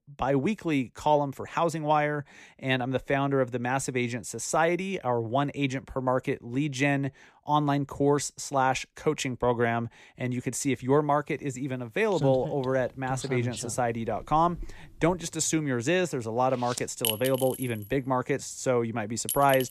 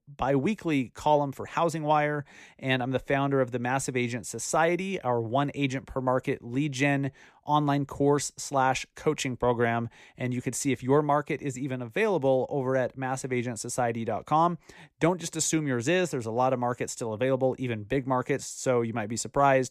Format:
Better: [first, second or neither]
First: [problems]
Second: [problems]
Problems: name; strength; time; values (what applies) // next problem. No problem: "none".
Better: second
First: household noises; loud; from 11 s on; 7 dB below the speech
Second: none